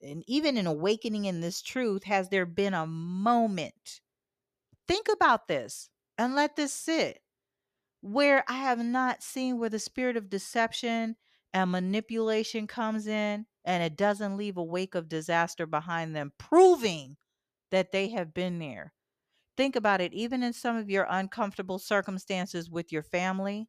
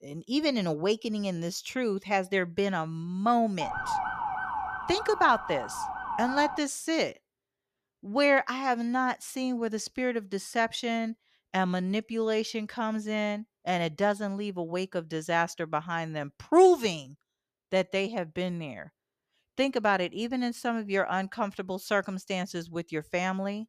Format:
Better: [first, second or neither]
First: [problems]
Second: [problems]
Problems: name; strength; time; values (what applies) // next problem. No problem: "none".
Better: first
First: none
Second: siren; noticeable; from 3.5 to 6.5 s; peak 2 dB below the speech